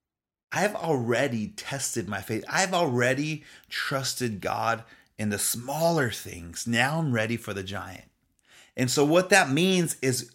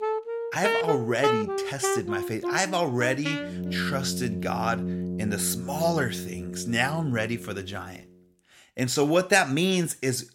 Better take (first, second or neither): first